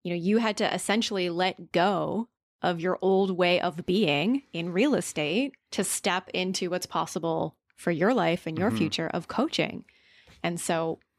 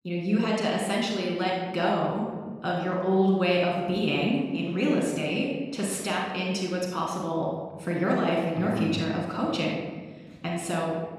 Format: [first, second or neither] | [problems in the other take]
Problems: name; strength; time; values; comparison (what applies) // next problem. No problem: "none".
first | off-mic speech; far // room echo; noticeable; dies away in 1.5 s